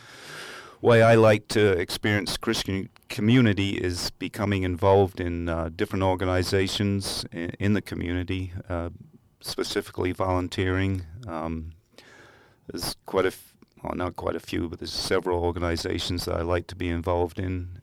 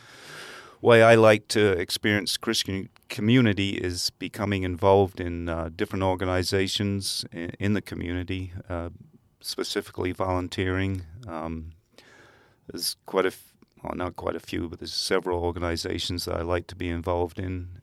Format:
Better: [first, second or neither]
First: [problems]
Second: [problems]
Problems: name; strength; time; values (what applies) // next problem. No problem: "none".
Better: second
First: distortion; slight; 10 dB below the speech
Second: none